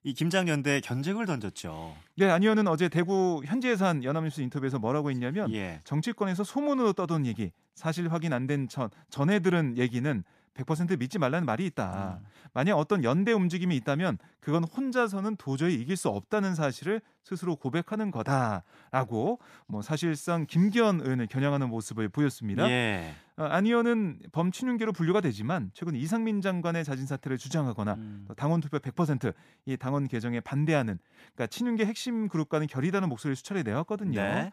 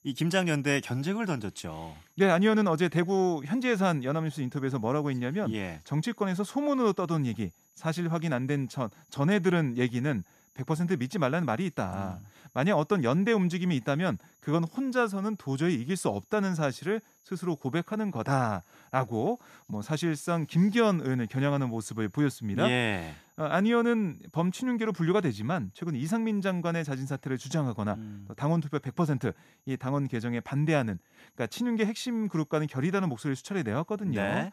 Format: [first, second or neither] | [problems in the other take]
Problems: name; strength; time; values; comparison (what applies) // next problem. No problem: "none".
first | high-pitched whine; faint; throughout; 6.5 kHz, 35 dB below the speech